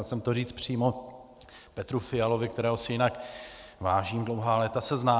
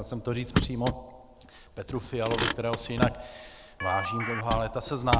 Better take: first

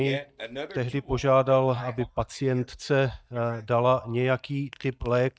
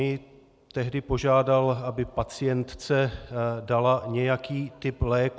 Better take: second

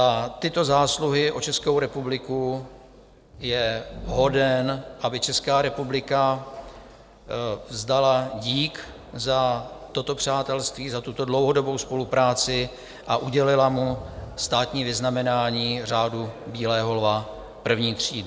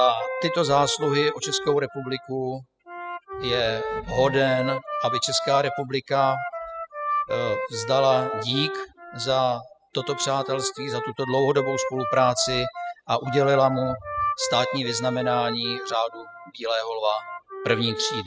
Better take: first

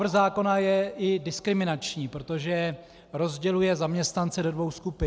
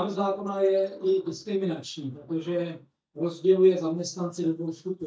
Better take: first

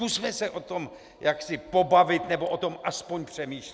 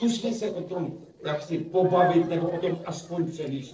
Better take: first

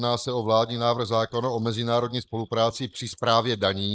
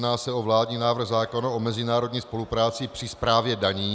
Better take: second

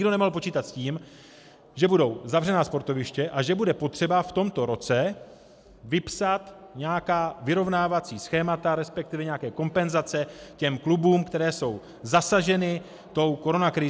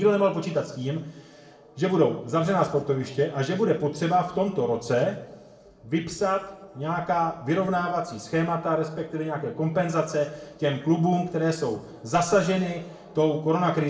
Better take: first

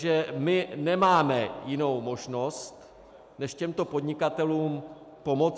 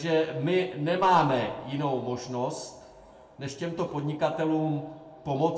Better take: first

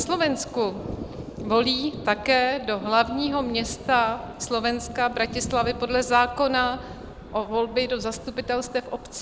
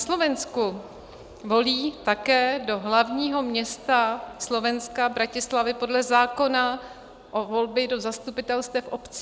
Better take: second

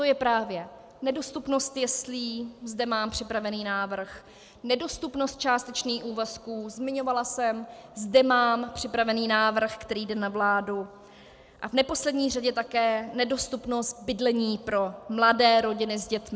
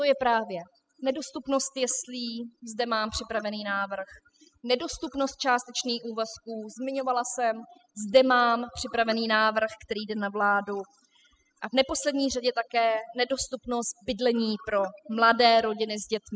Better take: first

